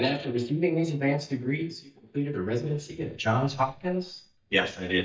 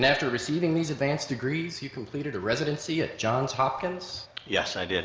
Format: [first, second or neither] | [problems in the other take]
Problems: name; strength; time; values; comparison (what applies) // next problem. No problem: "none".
second | noise reduction (neural mask model DeepFilterNet 3)